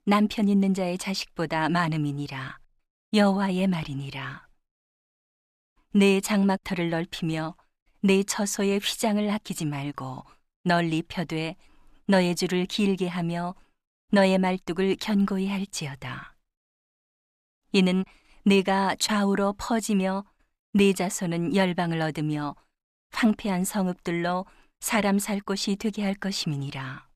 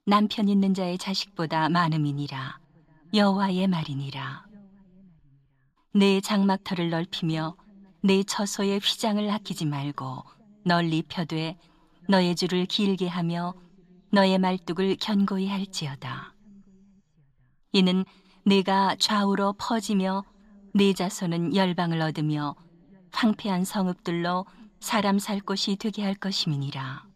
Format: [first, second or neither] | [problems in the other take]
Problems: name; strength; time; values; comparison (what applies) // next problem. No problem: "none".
first | room echo; slight; dies away in 3 s